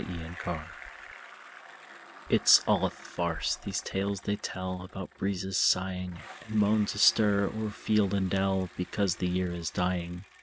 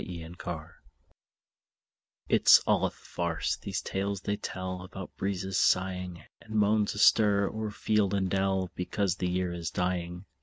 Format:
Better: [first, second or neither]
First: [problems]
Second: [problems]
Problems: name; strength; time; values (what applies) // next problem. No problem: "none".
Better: second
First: background sound (Bicycle); 19 dB below the speech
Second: none